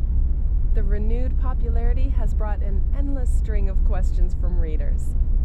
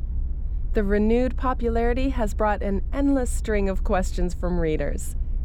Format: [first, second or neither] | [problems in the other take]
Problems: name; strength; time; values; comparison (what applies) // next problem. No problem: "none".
second | low rumble; loud; throughout; 6 dB below the speech; faint in the second